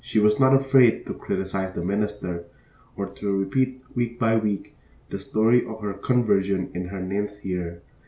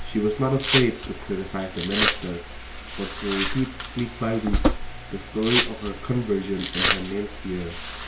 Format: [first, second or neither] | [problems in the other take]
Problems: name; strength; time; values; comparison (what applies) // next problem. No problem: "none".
first | background sound (Domestic sounds, home sounds); 1 dB below the speech